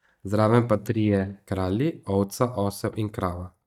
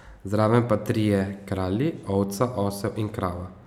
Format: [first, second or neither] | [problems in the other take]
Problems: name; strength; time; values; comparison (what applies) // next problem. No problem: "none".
second | noise reduction (neural mask model DeepFilterNet 3)